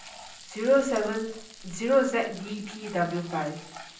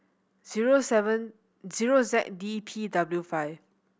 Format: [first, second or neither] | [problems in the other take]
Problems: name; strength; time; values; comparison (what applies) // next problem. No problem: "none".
second | background sound (Frying (food)); 17 dB below the speech // room echo; dies away in 0.6 s